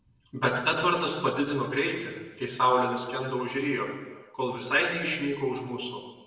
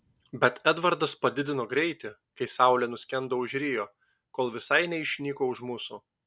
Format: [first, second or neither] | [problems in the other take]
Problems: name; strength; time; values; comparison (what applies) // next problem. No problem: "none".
second | room echo; dies away in 1.1 s